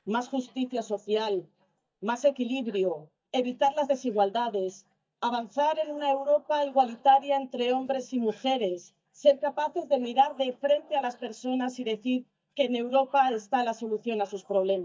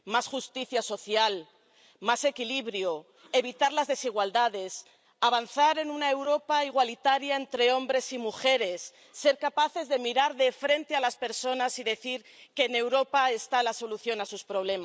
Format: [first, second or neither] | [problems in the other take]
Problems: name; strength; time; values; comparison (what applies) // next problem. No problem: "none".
second | noise reduction (neural mask model DeepFilterNet 3)